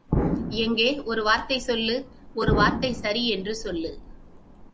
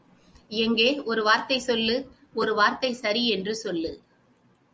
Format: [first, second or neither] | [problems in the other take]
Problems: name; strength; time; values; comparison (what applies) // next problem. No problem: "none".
second | background sound (Explosion); 4 dB below the speech